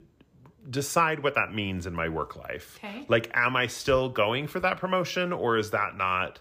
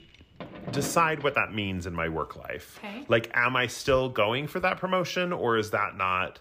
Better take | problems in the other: first | household noises; noticeable; throughout; 15 dB below the speech

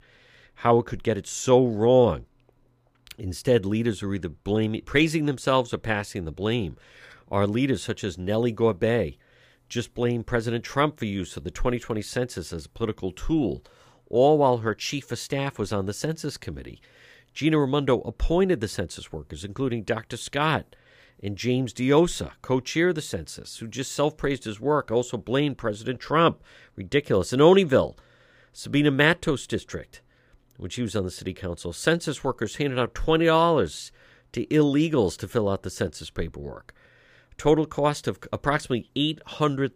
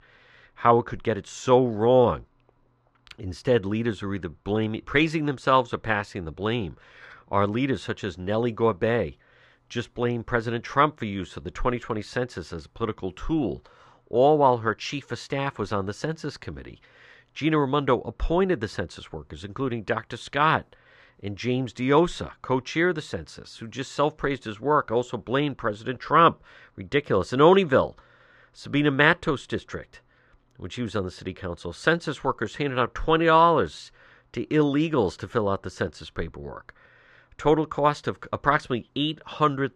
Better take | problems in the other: first | muffled; very slightly; fading above 5.5 kHz

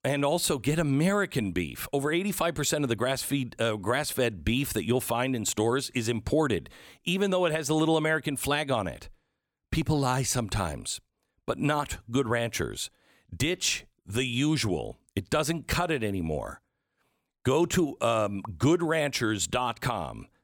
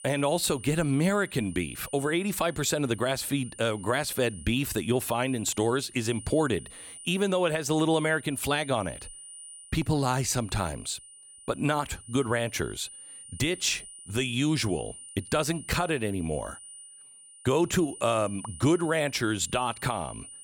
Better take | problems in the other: first | high-pitched whine; noticeable; throughout; 9.5 kHz, 15 dB below the speech

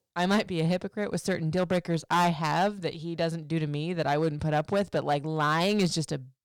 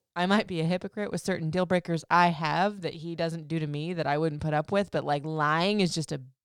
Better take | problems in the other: second | distortion; slight; 5% of the sound clipped

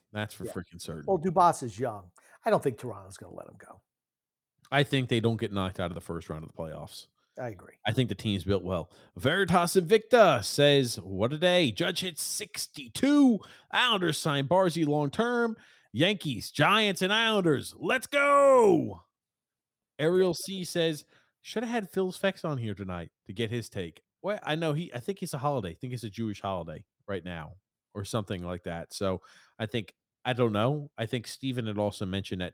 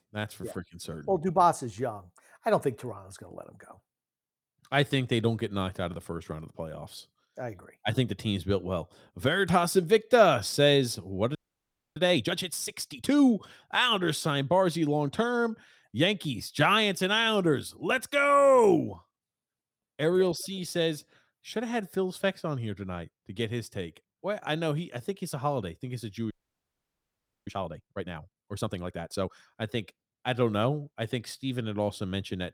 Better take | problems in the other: first | audio freezing; at 11 s for 0.5 s and at 26 s for 1 s

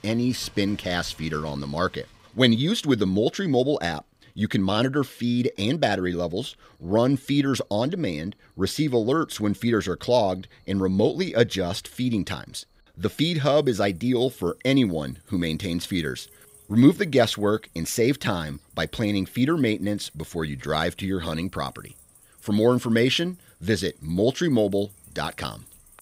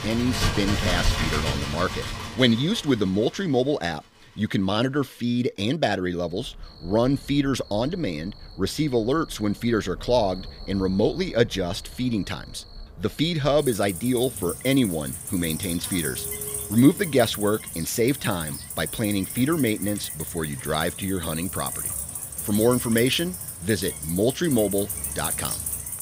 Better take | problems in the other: first | animal sounds; loud; throughout; 6 dB below the speech; faint in the first

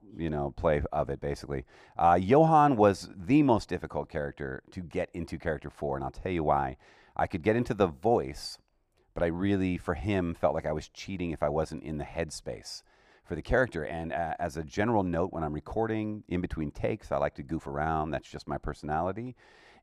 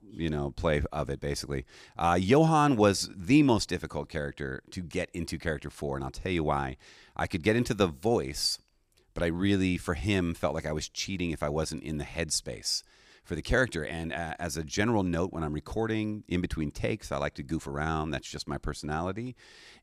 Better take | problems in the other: second | muffled; slightly; fading above 3 kHz

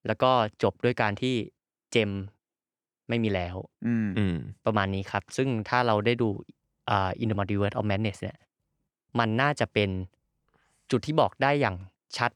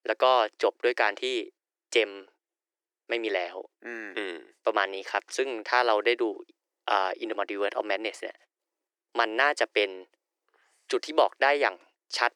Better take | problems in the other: first | thin; very; fading below 350 Hz

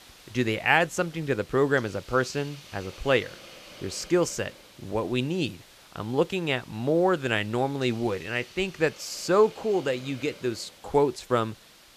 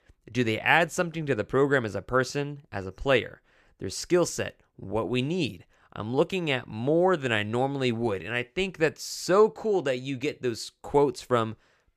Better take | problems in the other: second | hiss; faint; throughout; 20 dB below the speech

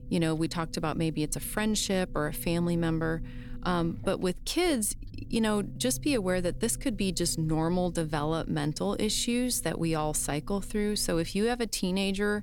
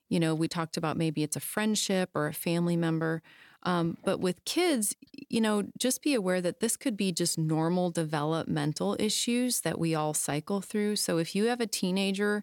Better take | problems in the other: second | low rumble; faint; throughout; 25 dB below the speech

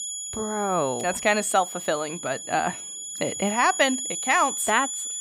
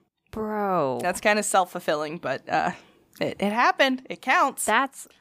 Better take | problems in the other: second | high-pitched whine; loud; throughout; 7 kHz, 6 dB below the speech

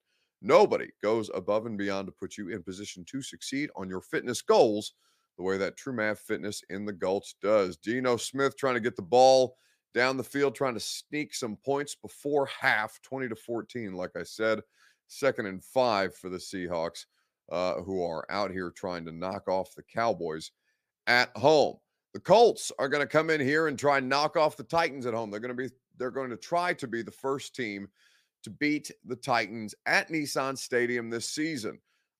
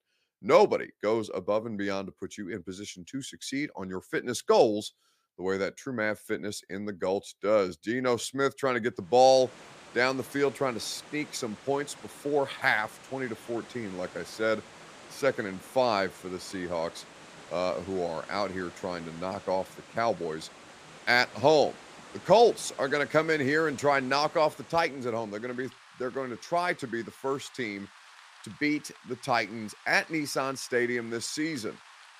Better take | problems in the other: first | rain or running water; faint; from 9 s on; 20 dB below the speech

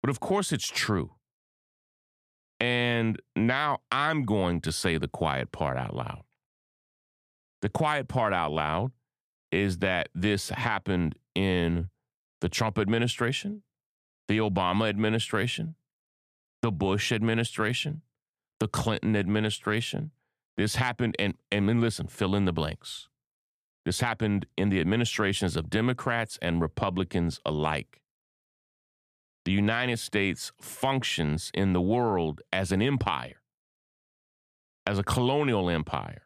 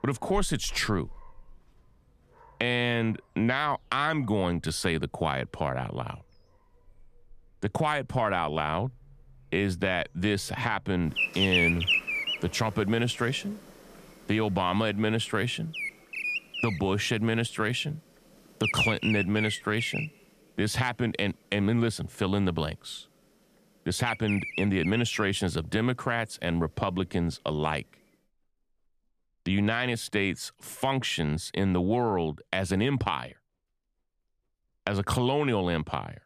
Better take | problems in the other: first | animal sounds; loud; throughout; 1 dB below the speech

